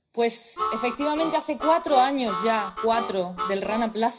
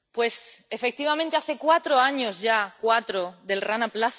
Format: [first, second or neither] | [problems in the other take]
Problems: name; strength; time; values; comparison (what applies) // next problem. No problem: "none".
second | background sound (Harmonica); 7 dB below the speech // room echo; dies away in 0.4 s